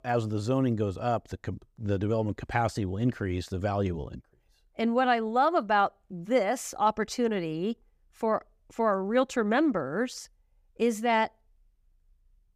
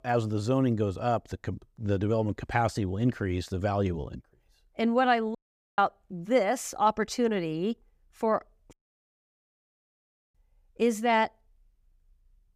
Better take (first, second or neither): first